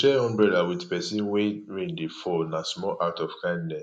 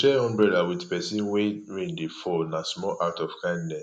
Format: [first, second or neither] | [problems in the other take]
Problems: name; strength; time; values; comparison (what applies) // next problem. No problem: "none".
second | noise reduction (neural mask model Resemble Enhance denoiser)